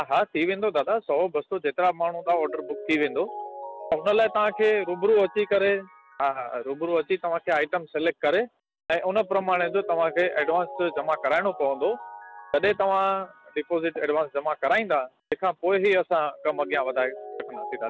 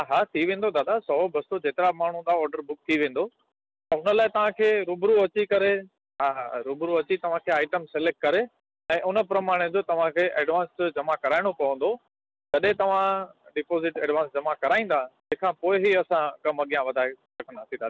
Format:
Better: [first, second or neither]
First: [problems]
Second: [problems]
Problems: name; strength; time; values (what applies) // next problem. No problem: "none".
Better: second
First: background sound (Mallet percussion); 16 dB below the speech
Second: none